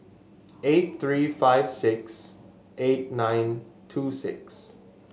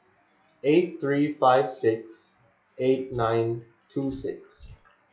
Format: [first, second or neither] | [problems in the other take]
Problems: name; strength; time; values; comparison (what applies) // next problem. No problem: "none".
first | noise reduction (classical method log-MMSE)